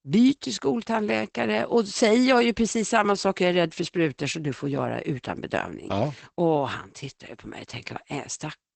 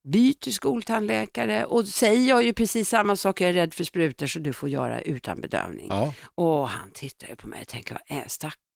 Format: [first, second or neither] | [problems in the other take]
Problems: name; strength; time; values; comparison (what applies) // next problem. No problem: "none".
second | garbled, watery; badly; nothing above 8 kHz; slightly in the second